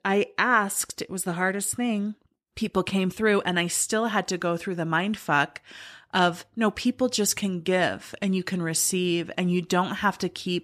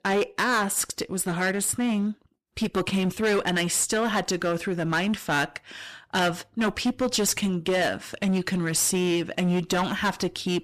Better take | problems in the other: first | distortion; heavy; 12% of the sound clipped

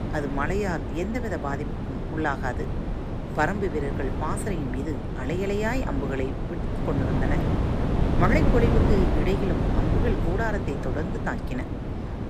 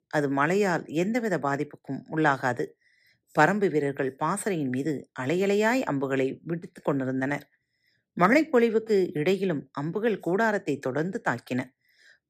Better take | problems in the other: second | wind noise on the microphone; heavy; 3 dB below the speech

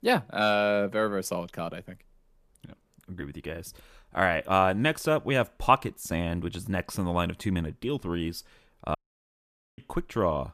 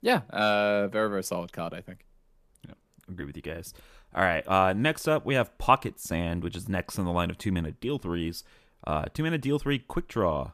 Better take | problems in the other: second | audio cutting out; at 9 s for 1 s

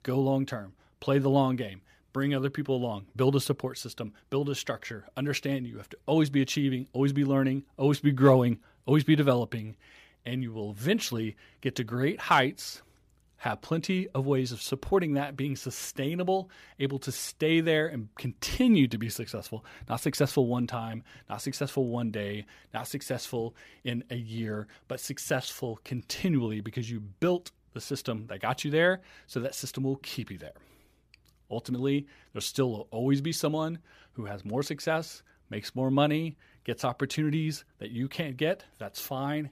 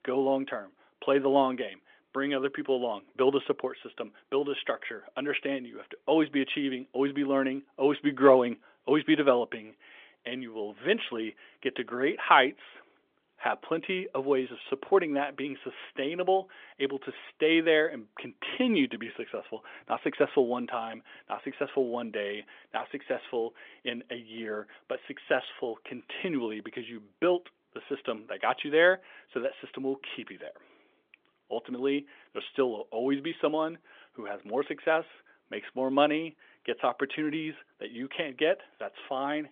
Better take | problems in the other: first | phone-call audio; nothing above 3.5 kHz

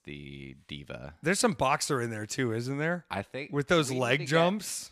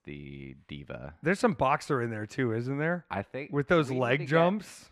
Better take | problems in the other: first | muffled; slightly; fading above 3.5 kHz

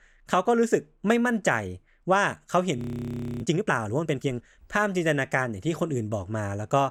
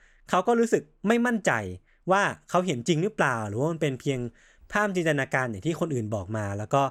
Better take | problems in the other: second | audio freezing; at 3 s for 0.5 s

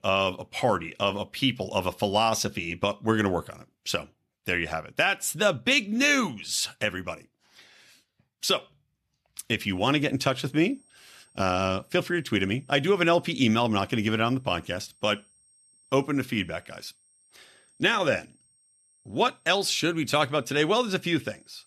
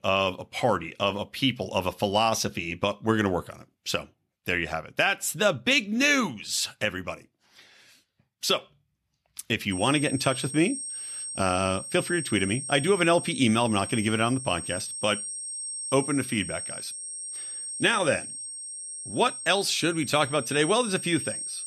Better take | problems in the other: first | high-pitched whine; loud; from 9.5 s on; 8.5 kHz, 8 dB below the speech; faint in the first

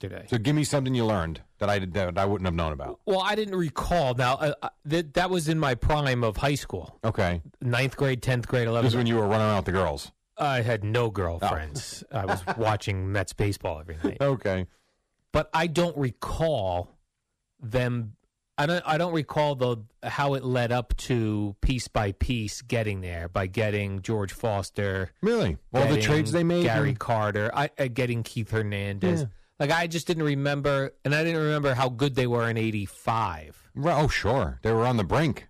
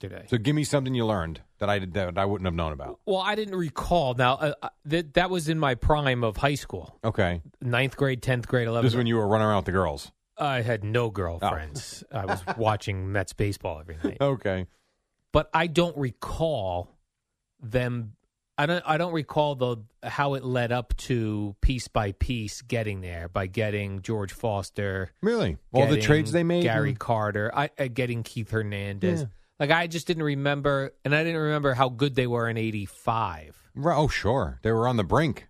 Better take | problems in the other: second | distortion; slight; 5% of the sound clipped

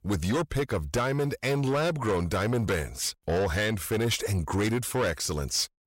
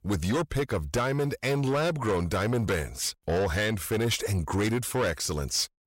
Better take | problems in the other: neither | distortion; slight; 10 dB below the speech; the same in both

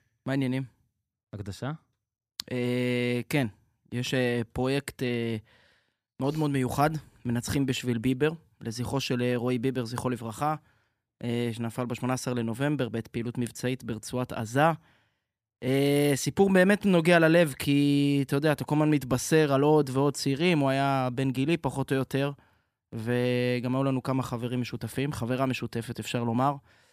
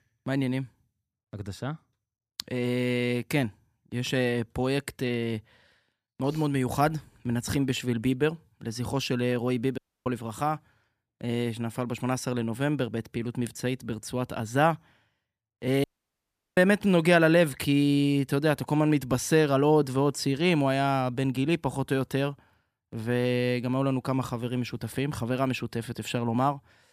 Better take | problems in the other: first | audio cutting out; at 10 s and at 16 s for 0.5 s

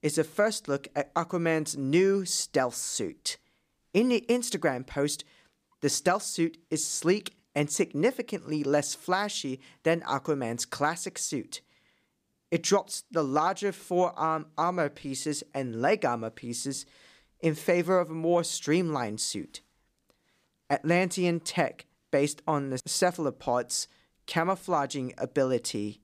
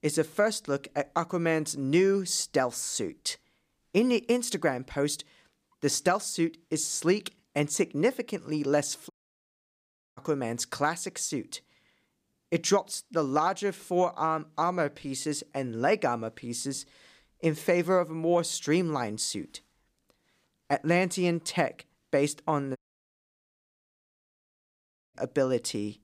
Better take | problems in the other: first | audio cutting out; at 9 s for 1 s and at 23 s for 2.5 s

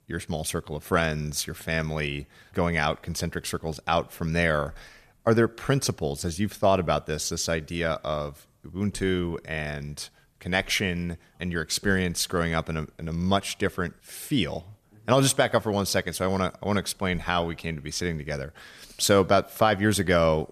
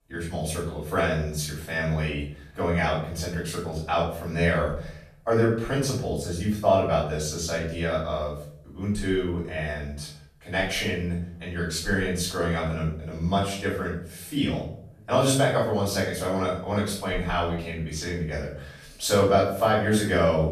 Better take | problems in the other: first | off-mic speech; far // room echo; noticeable; dies away in 0.5 s

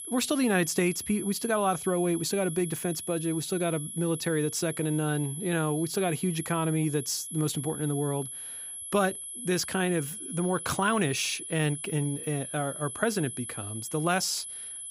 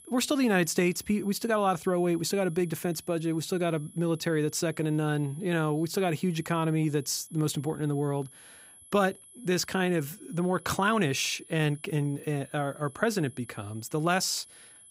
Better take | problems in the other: second | high-pitched whine; loud; throughout; 11 kHz, 7 dB below the speech; faint in the second

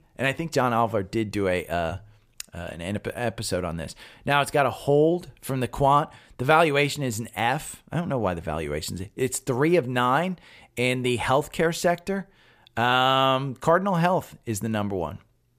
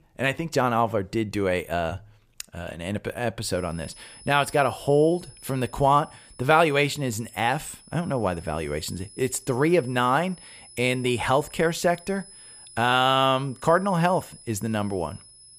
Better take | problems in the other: first | high-pitched whine; faint; from 3.5 s on; 10 kHz, 20 dB below the speech

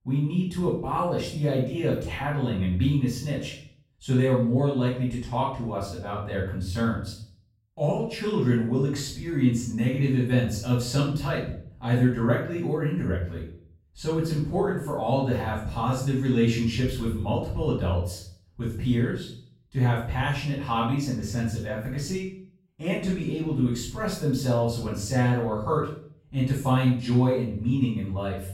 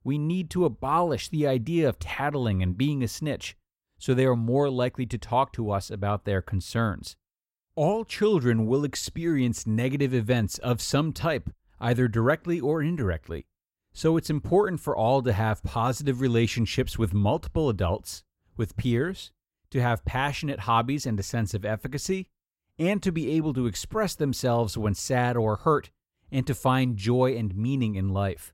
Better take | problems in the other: second | off-mic speech; far // room echo; noticeable; dies away in 0.5 s

